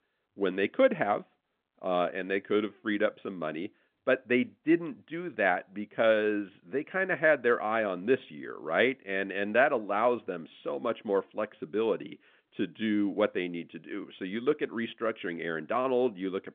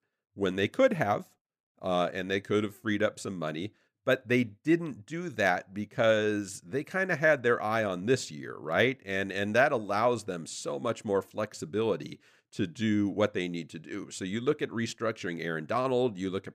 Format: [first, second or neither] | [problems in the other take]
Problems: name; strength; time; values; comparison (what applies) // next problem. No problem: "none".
second | phone-call audio